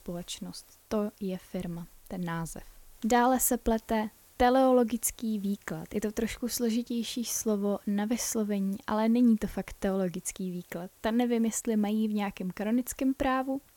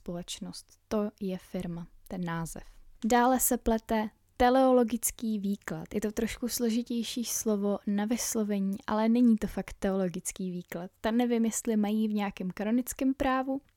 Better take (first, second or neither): second